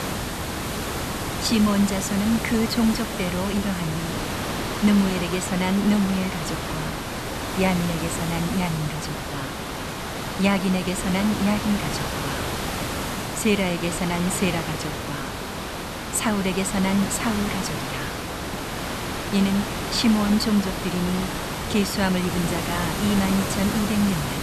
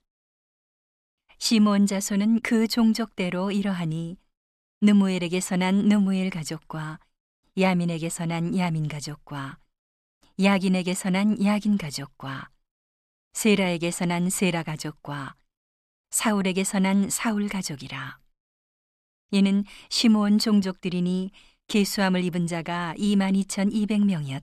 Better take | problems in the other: second | hiss; loud; throughout; 4 dB below the speech

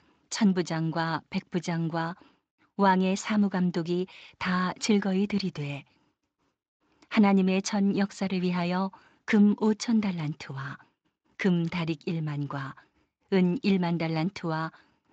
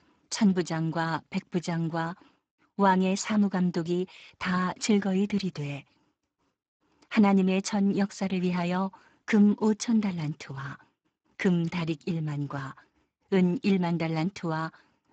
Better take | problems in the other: first | garbled, watery; badly; nothing above 8 kHz; slightly in the first

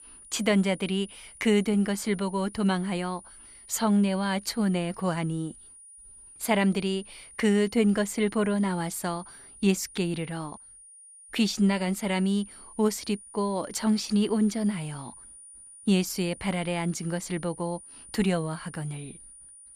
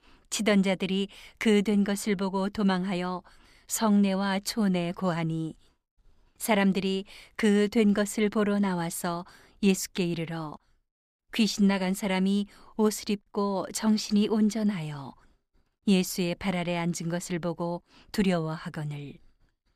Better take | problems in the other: second | high-pitched whine; noticeable; throughout; 9.5 kHz, 20 dB below the speech

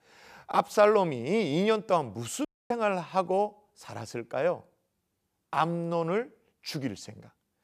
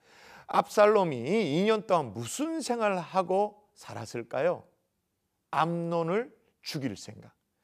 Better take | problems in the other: second | audio cutting out; at 2.5 s

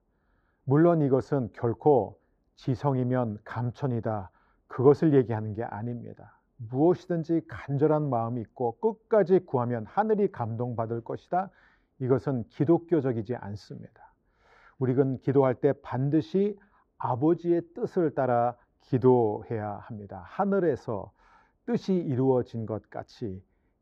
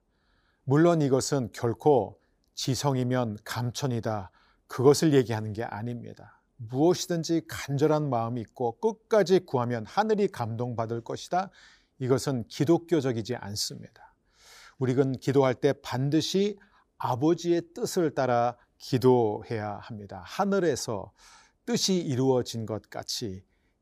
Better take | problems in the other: second | muffled; very; fading above 3.5 kHz

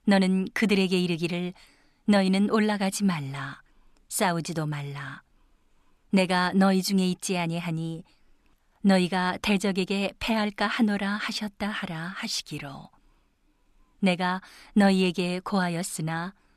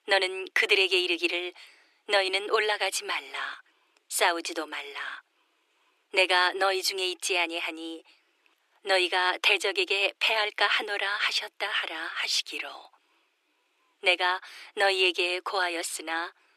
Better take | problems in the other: first | thin; very; fading below 350 Hz

